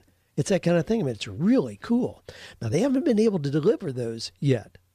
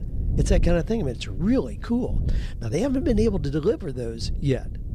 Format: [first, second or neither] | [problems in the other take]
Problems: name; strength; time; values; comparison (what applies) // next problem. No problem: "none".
first | wind noise on the microphone; occasional gusts; 15 dB below the speech